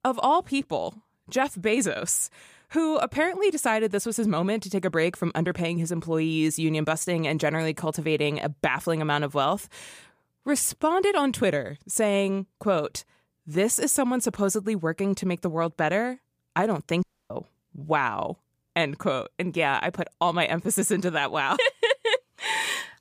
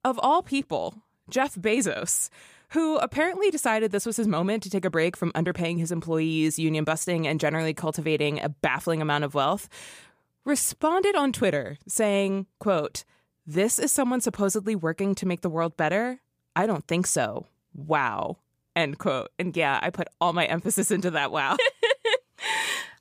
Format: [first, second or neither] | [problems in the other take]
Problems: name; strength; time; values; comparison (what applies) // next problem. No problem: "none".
second | audio cutting out; at 17 s